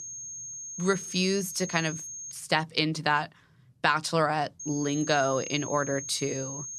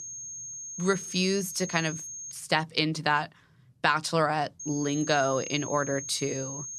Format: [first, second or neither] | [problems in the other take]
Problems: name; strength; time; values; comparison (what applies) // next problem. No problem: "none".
neither | high-pitched whine; loud; until 2.5 s and from 4.5 s on; 6.5 kHz, 9 dB below the speech; the same in both